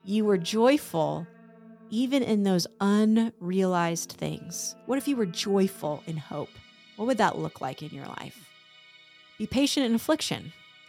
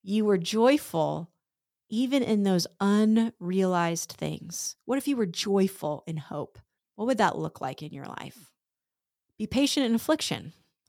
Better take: second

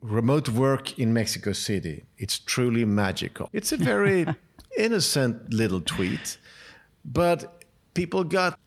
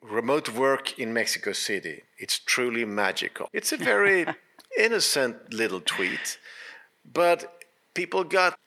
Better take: first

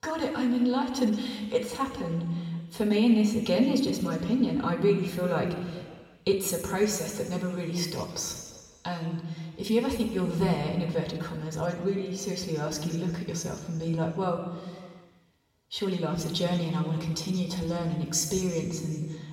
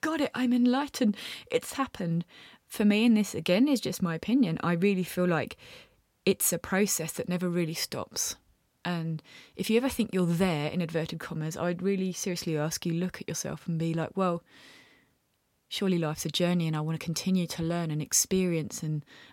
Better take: second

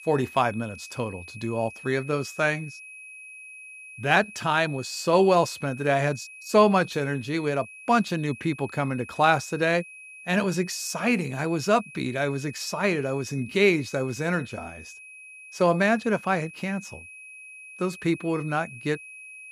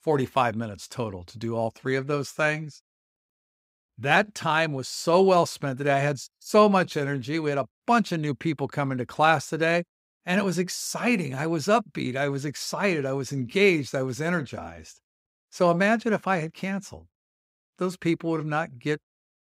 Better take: second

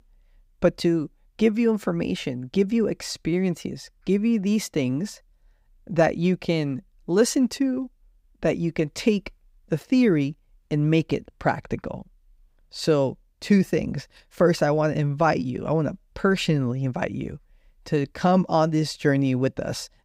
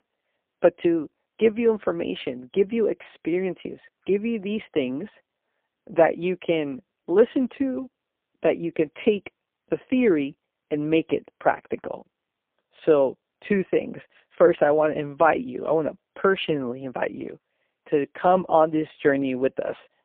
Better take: first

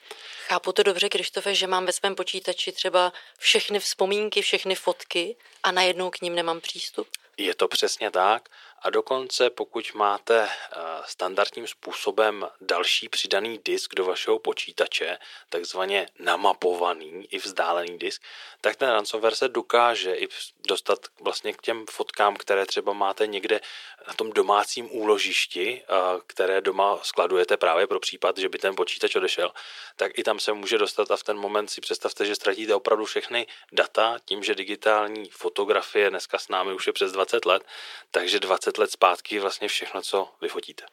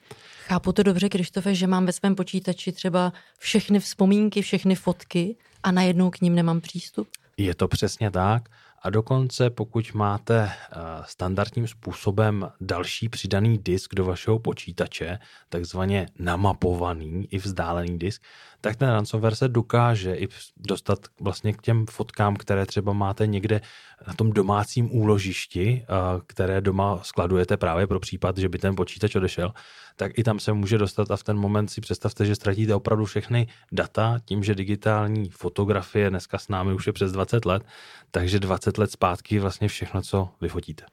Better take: second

